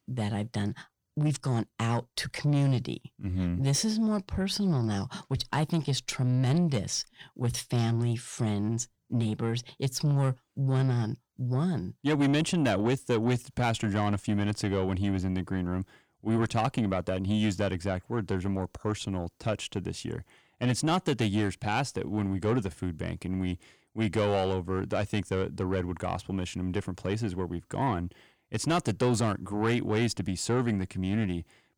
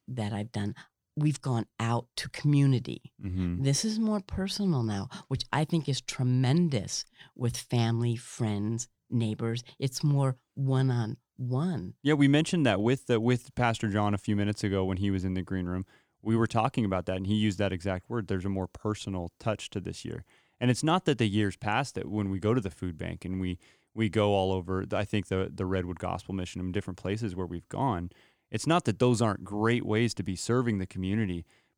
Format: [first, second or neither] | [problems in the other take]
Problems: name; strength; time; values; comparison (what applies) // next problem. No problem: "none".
second | distortion; slight; 10 dB below the speech